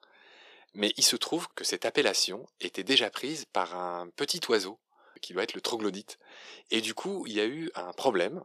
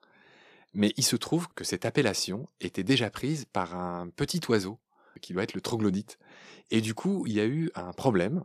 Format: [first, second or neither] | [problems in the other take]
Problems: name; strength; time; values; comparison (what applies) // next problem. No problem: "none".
second | thin; somewhat; fading below 450 Hz